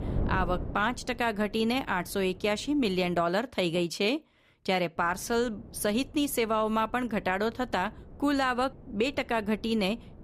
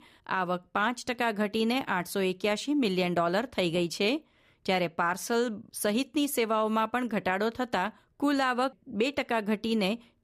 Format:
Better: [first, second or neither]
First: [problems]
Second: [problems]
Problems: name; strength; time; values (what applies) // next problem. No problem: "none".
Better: second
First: wind noise on the microphone; occasional gusts; until 3 s and from 5 s on; 20 dB below the speech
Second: none